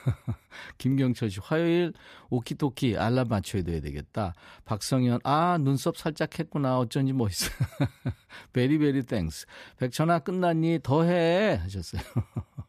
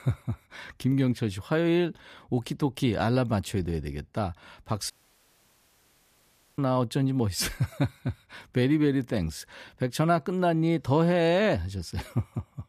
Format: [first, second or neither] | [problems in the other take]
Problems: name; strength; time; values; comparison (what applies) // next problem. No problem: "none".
first | audio cutting out; at 5 s for 1.5 s